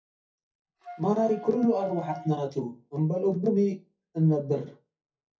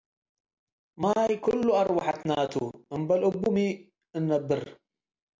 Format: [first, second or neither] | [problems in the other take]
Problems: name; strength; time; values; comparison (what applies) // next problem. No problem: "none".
second | noise reduction (classical method WPE with log-MMSE)